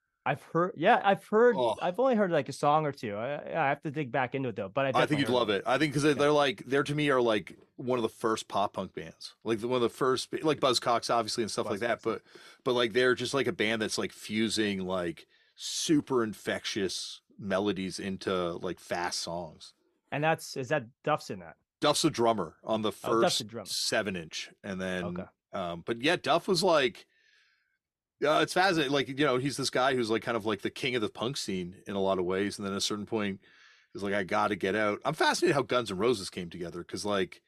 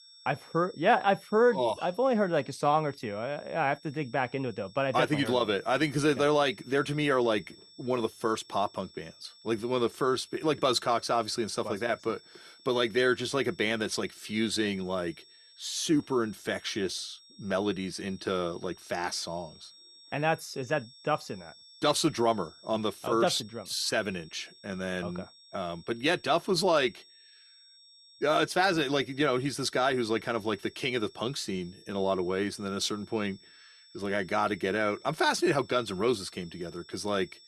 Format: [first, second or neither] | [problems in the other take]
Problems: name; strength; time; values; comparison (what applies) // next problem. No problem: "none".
first | high-pitched whine; faint; throughout; 5.5 kHz, 25 dB below the speech